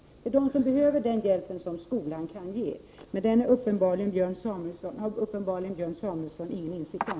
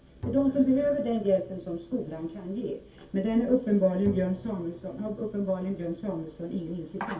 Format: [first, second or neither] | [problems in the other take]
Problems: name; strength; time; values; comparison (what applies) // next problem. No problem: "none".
first | background sound (Bowed string instrument); 17 dB below the speech // room echo; dies away in 0.2 s